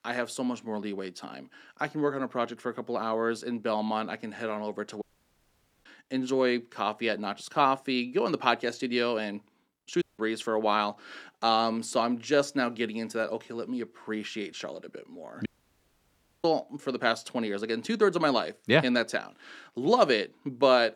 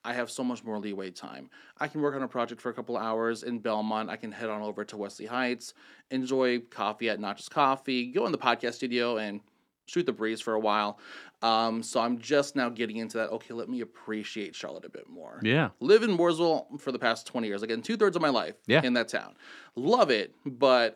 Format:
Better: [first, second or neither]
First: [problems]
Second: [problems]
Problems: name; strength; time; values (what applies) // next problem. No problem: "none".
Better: second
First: audio cutting out; at 5 s for 1 s, at 10 s and at 15 s for 1 s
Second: none